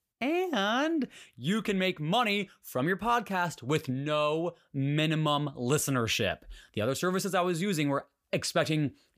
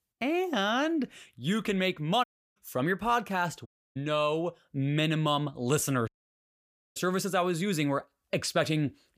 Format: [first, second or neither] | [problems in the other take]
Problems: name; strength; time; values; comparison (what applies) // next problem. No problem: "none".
first | audio cutting out; at 2 s, at 3.5 s and at 6 s for 1 s